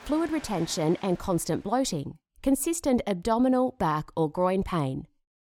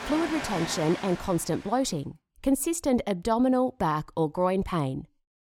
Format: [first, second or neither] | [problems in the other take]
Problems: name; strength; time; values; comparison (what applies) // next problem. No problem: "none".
first | rain or running water; loud; until 1 s; 9 dB below the speech; faint in the first